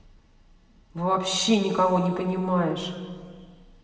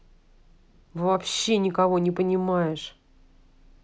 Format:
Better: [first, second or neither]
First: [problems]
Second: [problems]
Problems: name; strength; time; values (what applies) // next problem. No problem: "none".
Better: second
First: room echo; dies away in 1.9 s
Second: none